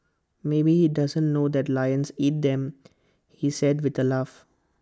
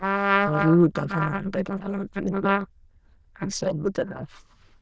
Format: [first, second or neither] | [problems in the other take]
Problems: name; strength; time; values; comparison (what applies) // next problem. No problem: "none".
first | noise reduction (neural diffusion model UNIVERSE++)